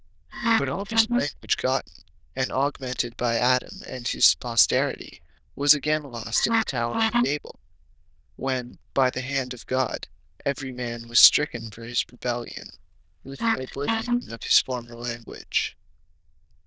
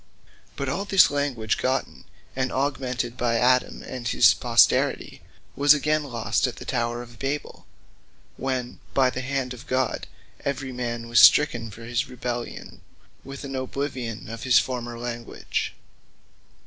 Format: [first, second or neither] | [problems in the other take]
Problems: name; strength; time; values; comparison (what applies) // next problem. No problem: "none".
second | noise reduction (neural diffusion model UNIVERSE++)